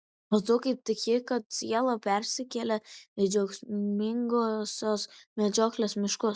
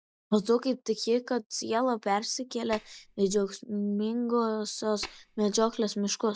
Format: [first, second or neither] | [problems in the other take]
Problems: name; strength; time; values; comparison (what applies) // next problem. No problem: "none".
first | background sound (Tap); 17 dB below the speech